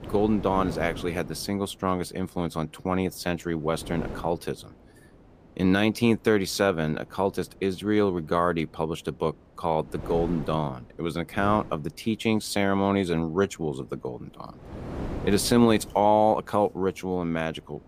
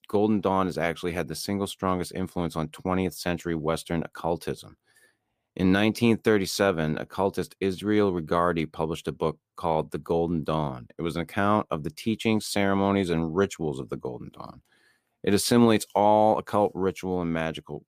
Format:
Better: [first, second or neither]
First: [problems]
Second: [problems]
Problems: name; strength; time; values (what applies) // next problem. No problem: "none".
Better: second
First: wind noise on the microphone; occasional gusts; 15 dB below the speech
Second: none